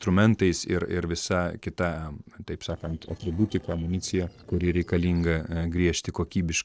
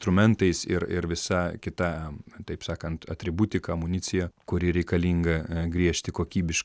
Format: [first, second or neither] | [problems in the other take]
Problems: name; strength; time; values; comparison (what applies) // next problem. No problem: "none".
second | noise reduction (neural separator model SepFormer DNS4)